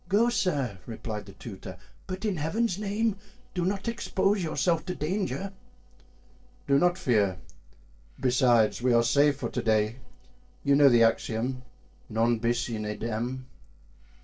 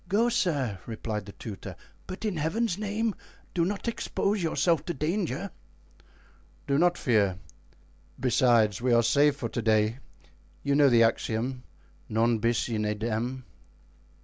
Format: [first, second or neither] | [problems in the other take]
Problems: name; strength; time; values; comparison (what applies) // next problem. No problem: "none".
second | noise reduction (neural separator model SepFormer DNS4)